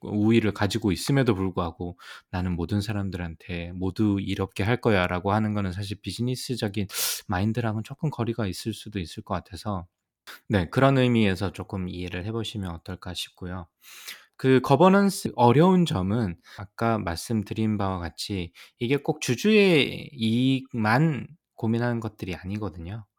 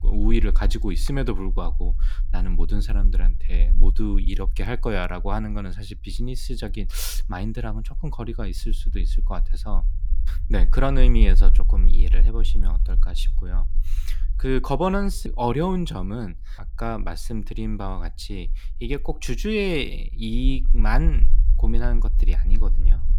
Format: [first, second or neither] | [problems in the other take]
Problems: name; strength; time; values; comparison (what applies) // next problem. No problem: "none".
first | low rumble; faint; throughout; 20 dB below the speech